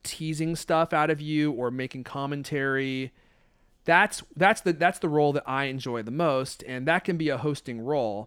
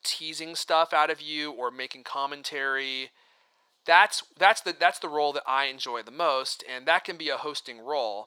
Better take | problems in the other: first | thin; very; fading below 700 Hz

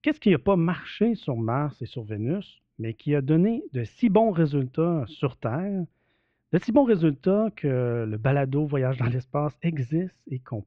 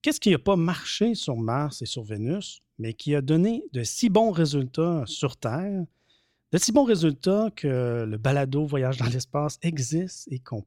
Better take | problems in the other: second | muffled; very; fading above 2.5 kHz

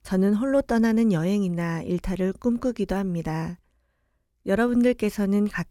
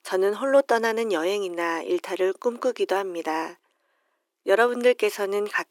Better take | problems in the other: first | thin; very; fading below 350 Hz

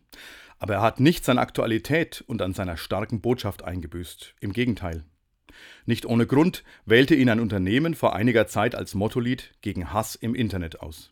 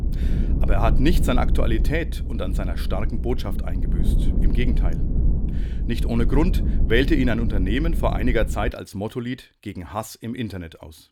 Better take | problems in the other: first | low rumble; noticeable; until 8.5 s; 10 dB below the speech

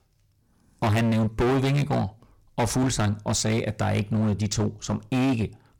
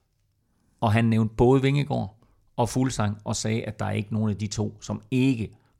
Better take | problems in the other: second | distortion; heavy; 19% of the sound clipped

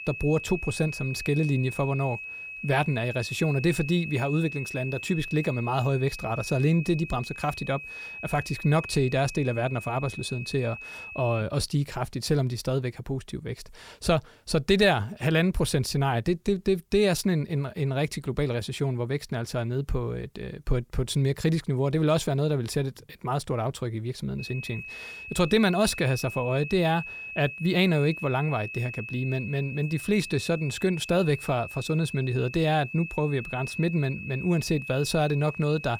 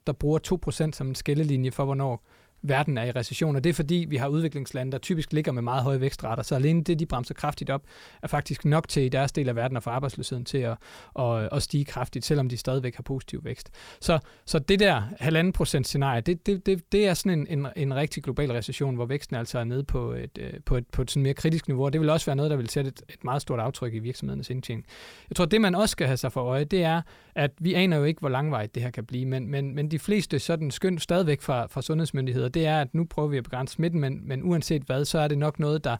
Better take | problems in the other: second | high-pitched whine; noticeable; until 11 s and from 24 s on; 2.5 kHz, 10 dB below the speech

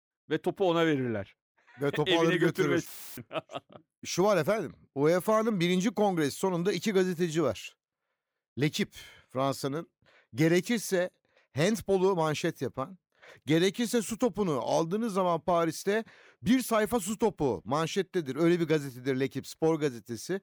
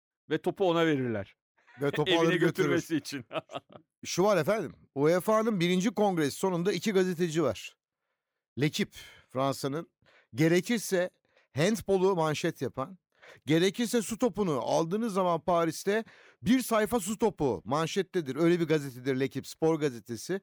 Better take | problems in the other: second | audio cutting out; filled with static; at 3 s

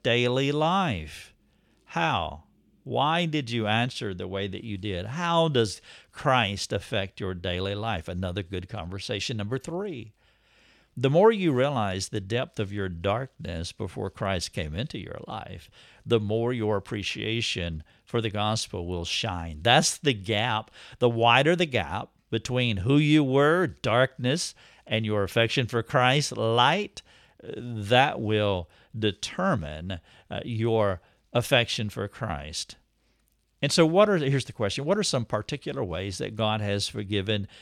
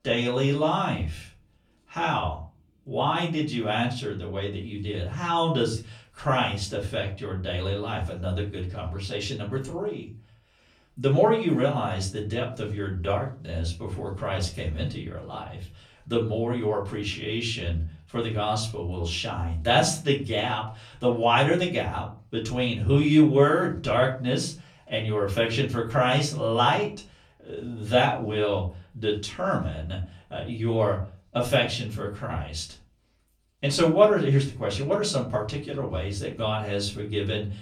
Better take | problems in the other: first | off-mic speech; far // room echo; slight; dies away in 0.3 s

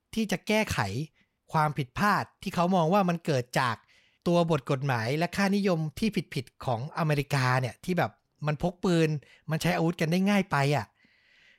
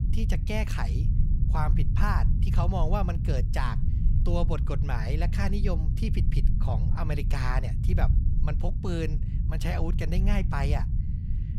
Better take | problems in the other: first | low rumble; loud; throughout; 8 dB below the speech

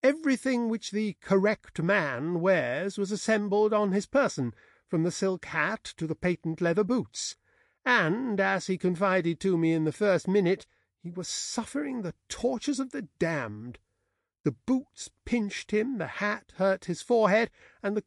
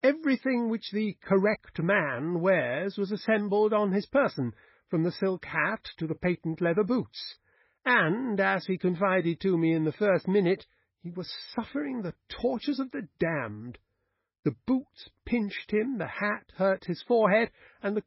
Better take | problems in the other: first | garbled, watery; badly; nothing above 5.5 kHz; slightly in the first

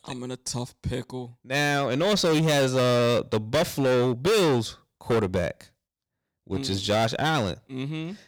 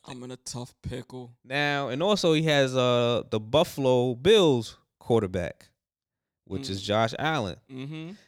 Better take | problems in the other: second | distortion; heavy; 14% of the sound clipped

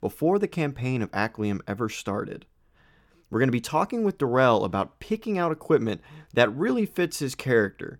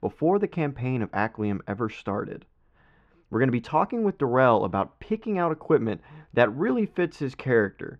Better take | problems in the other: first | muffled; very; fading above 2.5 kHz

